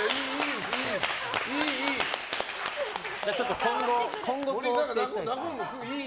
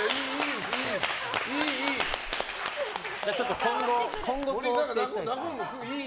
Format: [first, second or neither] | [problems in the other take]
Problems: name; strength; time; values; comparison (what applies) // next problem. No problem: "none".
first | background sound (Squeak); 19 dB below the speech